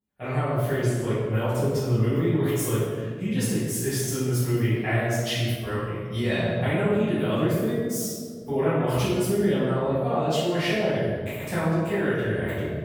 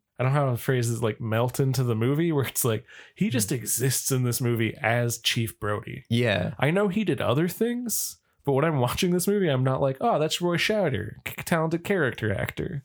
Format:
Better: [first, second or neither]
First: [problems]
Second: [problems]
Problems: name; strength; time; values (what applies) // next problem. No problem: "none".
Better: second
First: off-mic speech; far // room echo; strong; dies away in 1.6 s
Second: none